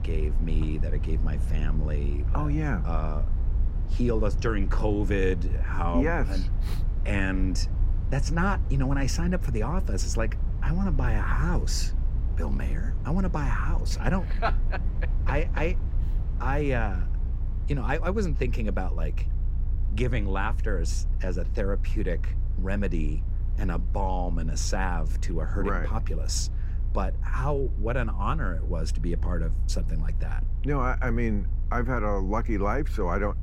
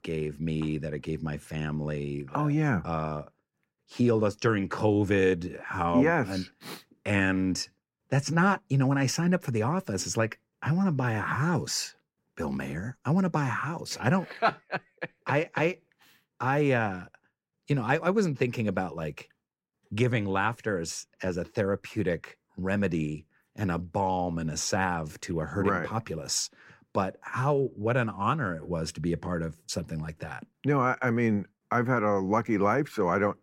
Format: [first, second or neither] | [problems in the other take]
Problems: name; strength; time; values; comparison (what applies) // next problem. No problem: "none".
second | low rumble; noticeable; throughout; 15 dB below the speech